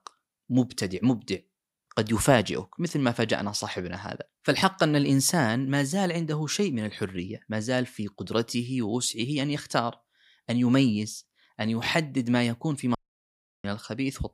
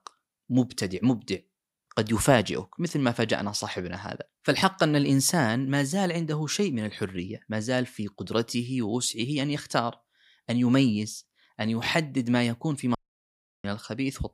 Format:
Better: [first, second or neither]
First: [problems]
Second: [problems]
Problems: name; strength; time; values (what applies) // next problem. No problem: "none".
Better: neither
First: audio cutting out; at 13 s for 0.5 s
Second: audio cutting out; at 13 s for 0.5 s